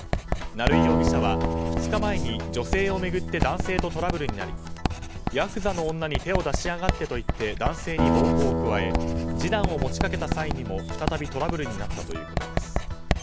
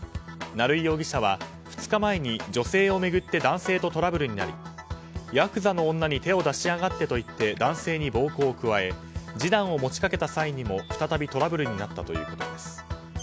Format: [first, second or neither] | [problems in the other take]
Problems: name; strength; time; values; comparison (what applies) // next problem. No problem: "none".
second | background sound (Acoustic guitar + Writing); 3 dB above the speech